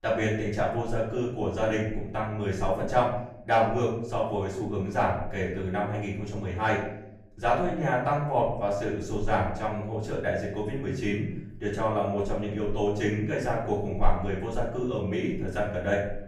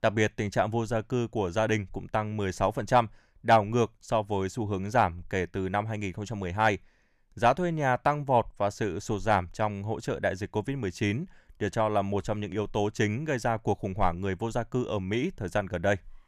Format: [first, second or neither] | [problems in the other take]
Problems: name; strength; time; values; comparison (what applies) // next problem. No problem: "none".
second | off-mic speech; far // room echo; noticeable; dies away in 0.7 s